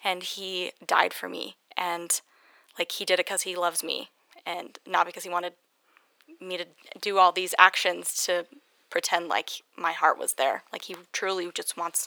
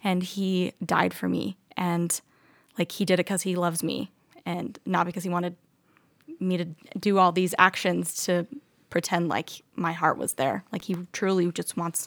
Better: second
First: thin; very; fading below 500 Hz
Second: none

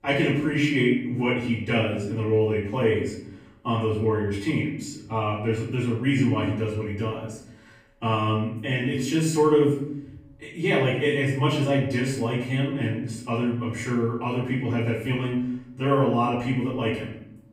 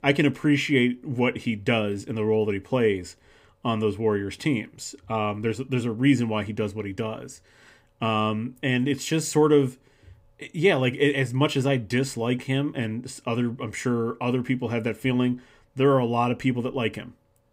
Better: second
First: off-mic speech; far // room echo; noticeable; dies away in 0.7 s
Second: none

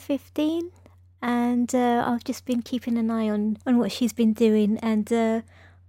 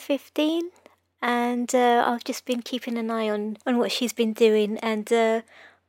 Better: first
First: none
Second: thin; somewhat; fading below 400 Hz

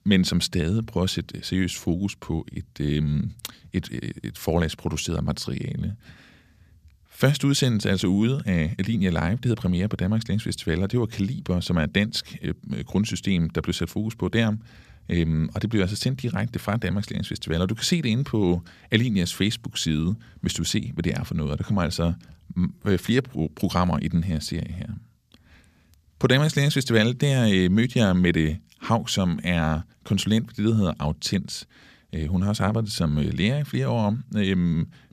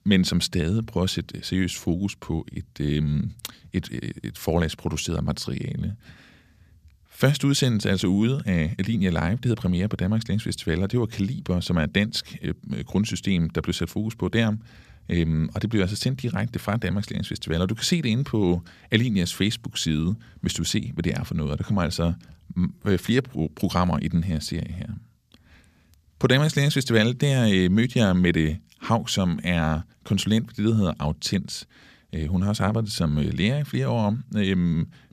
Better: neither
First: none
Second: none

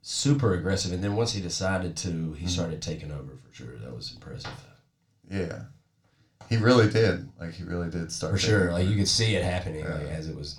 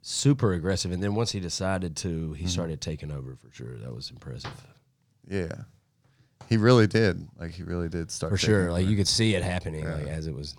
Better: second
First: room echo; very slight; dies away in 0.3 s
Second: none

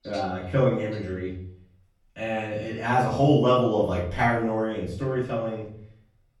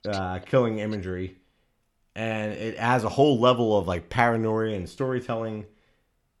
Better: second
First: off-mic speech; far // room echo; noticeable; dies away in 0.5 s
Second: none

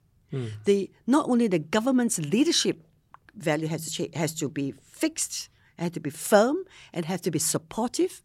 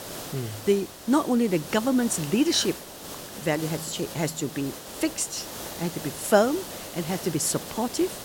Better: first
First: none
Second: hiss; noticeable; throughout; 10 dB below the speech

